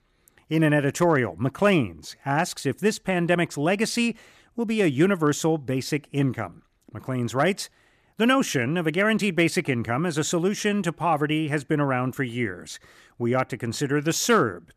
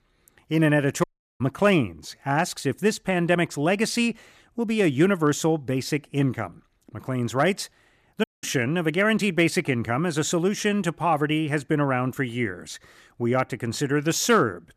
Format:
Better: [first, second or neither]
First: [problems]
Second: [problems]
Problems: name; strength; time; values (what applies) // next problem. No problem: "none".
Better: first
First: none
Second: audio cutting out; at 1 s and at 8 s